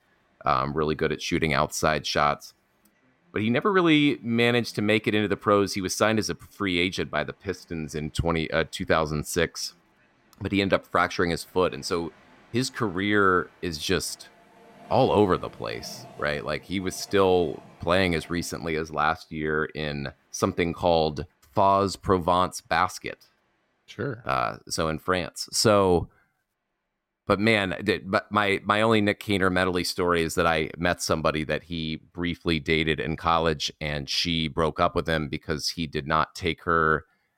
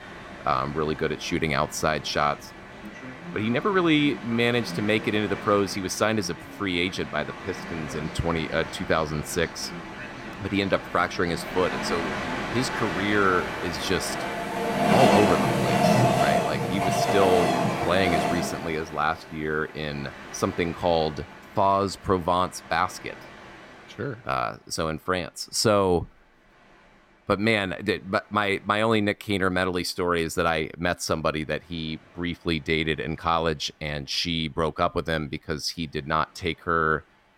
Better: first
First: train or aircraft noise; faint; throughout; 30 dB below the speech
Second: train or aircraft noise; loud; throughout; 2 dB below the speech

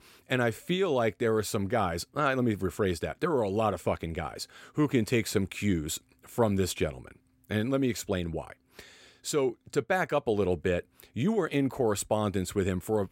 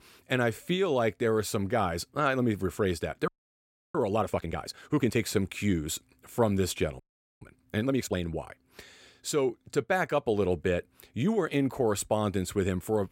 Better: first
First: none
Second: audio freezing; at 3.5 s for 0.5 s and at 7 s

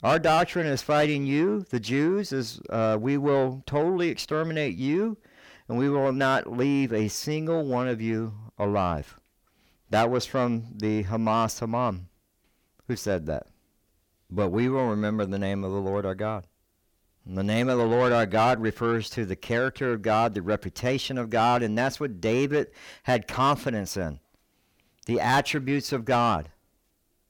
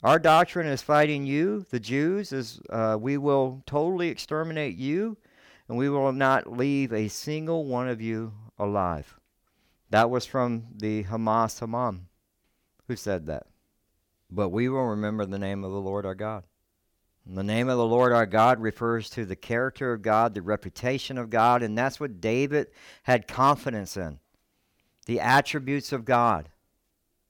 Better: second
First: distortion; slight; 10 dB below the speech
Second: none

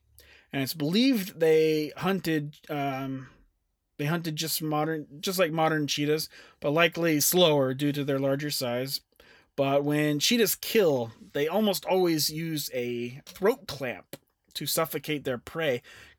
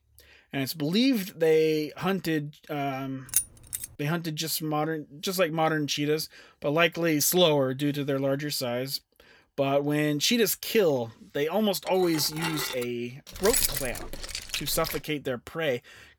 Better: first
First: none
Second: jangling keys; loud; at 3.5 s and from 13 to 15 s; peak 3 dB above the speech // clattering dishes; noticeable; at 12 s; peak 5 dB below the speech

